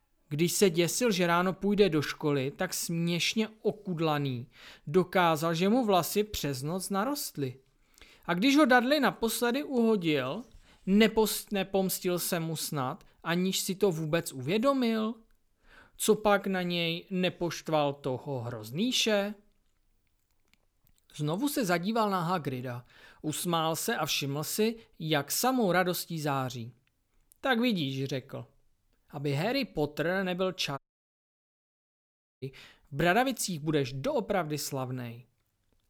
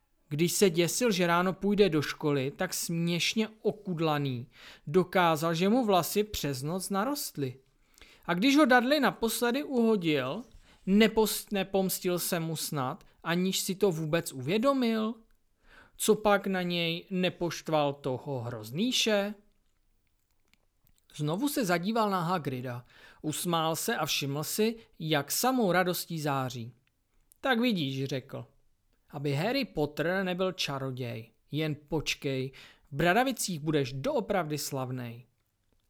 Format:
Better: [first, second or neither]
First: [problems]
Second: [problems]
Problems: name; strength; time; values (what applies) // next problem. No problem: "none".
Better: second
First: audio cutting out; at 31 s for 1.5 s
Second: none